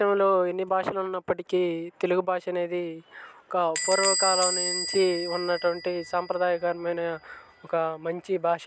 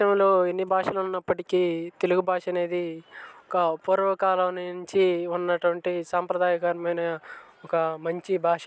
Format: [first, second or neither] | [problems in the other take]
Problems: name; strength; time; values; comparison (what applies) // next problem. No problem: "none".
second | background sound (Door / Bell); 7 dB below the speech